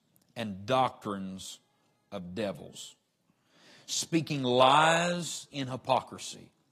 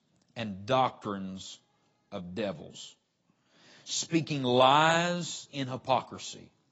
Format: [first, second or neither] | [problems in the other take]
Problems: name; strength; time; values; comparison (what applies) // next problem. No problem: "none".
first | garbled, watery; badly; nothing above 7.5 kHz; slightly in the first